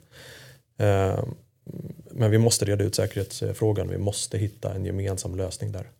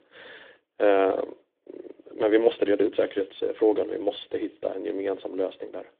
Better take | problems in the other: first | phone-call audio

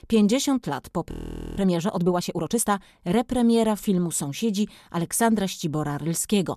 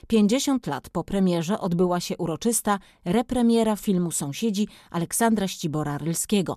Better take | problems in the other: second | audio freezing; at 1 s

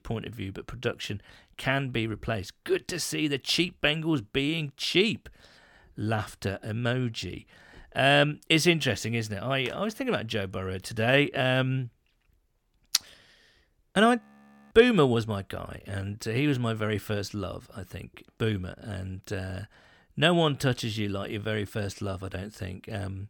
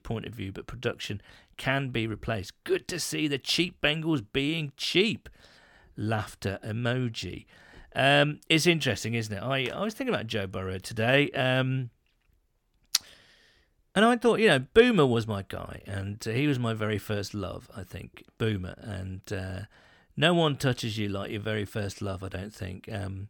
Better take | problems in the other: second | audio freezing; at 14 s for 0.5 s

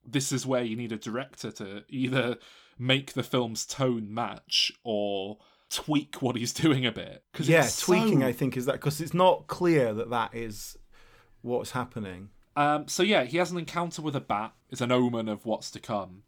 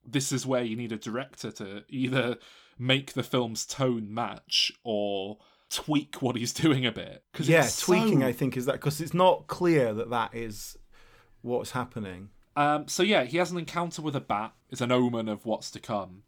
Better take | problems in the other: neither | none

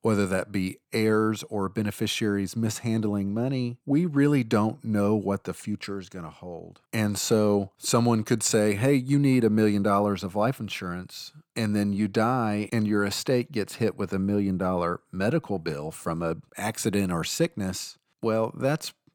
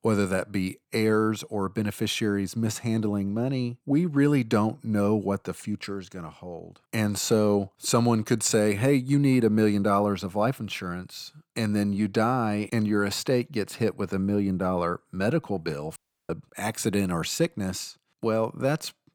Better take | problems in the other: first | audio cutting out; at 16 s

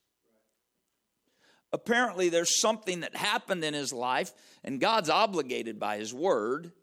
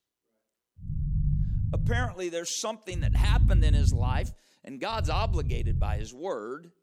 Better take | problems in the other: first | low rumble; loud; from 1 to 2 s, from 3 to 4.5 s and from 5 to 6 s; 10 dB below the speech

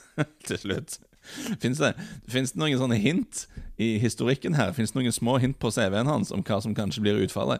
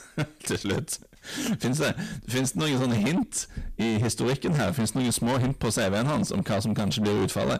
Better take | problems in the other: first | distortion; heavy; 6 dB below the speech

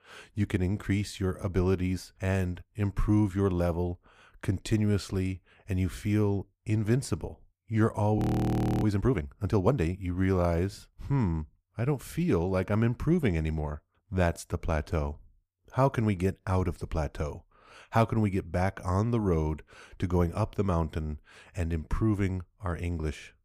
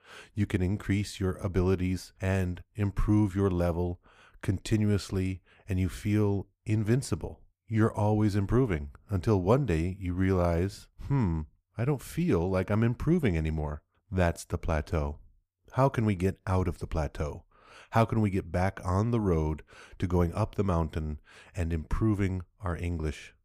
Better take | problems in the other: second | audio freezing; at 8 s for 0.5 s

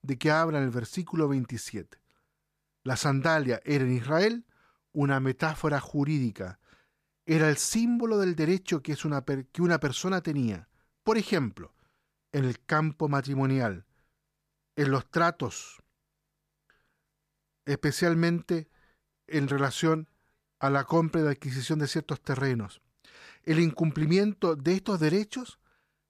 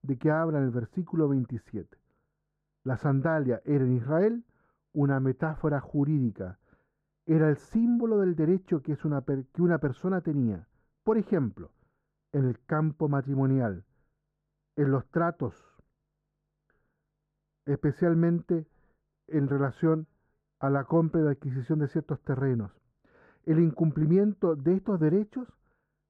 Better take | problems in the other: first | muffled; very; fading above 1.5 kHz

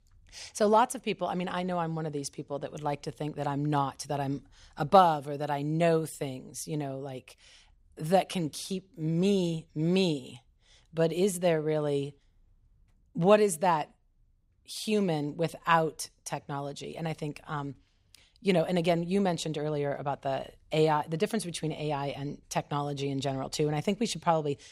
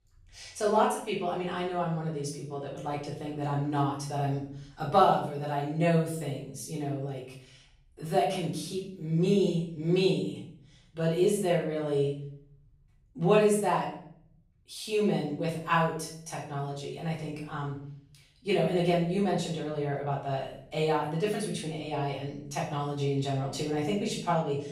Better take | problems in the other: first | off-mic speech; far // room echo; noticeable; dies away in 0.5 s

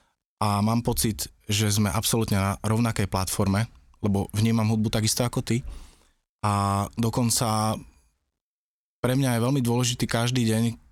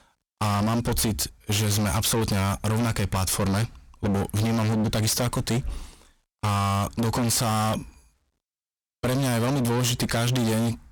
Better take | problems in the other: first | distortion; heavy; 32% of the sound clipped

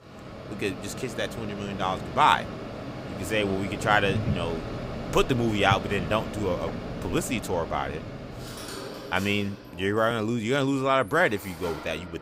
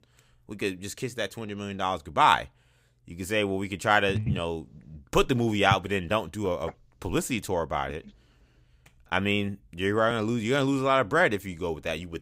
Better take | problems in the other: second | machinery noise; loud; throughout; 10 dB below the speech

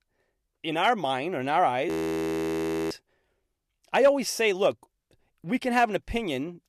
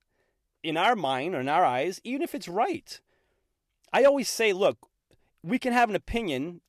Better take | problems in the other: second | audio freezing; at 2 s for 1 s

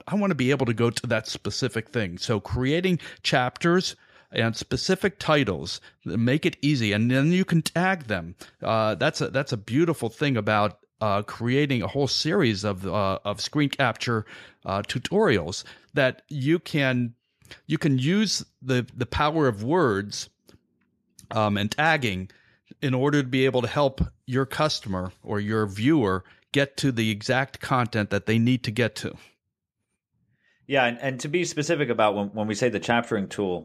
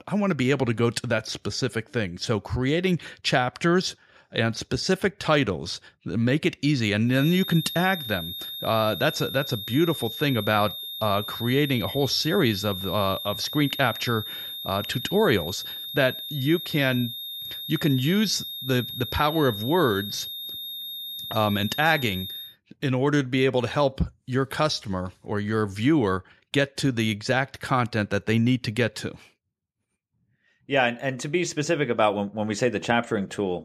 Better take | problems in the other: first | high-pitched whine; loud; from 7 to 22 s; 3.5 kHz, 7 dB below the speech

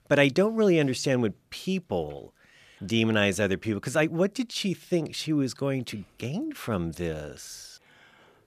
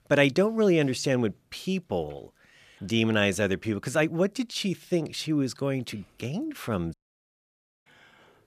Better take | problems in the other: first | audio cutting out; at 7 s for 1 s

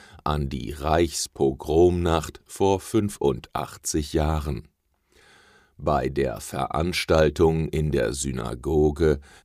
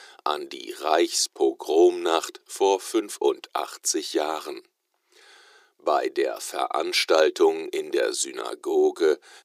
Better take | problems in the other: first | thin; very; fading below 350 Hz

